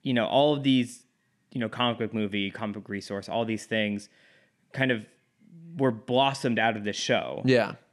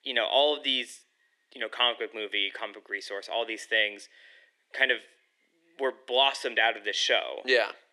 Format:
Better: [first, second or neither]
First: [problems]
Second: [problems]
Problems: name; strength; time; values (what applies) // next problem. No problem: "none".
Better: first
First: none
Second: thin; very; fading below 350 Hz